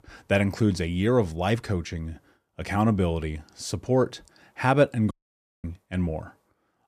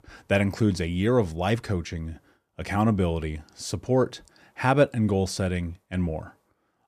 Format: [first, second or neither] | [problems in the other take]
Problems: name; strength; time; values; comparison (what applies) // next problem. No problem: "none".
second | audio cutting out; at 5 s for 0.5 s